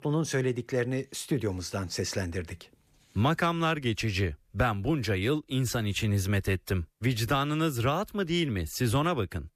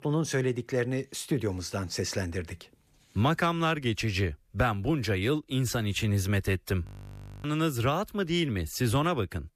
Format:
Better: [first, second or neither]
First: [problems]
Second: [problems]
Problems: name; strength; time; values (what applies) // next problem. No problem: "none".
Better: first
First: none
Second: audio freezing; at 7 s for 0.5 s